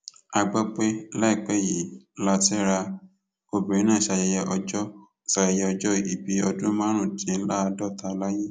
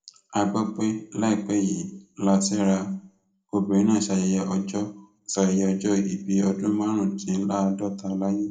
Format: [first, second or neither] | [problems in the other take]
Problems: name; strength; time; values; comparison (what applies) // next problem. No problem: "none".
first | room echo; dies away in 0.4 s